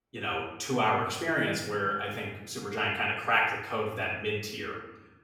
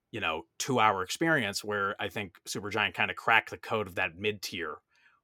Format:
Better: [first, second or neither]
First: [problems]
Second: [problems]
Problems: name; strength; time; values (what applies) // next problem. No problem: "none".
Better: second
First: off-mic speech; far // room echo; noticeable; dies away in 0.9 s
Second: none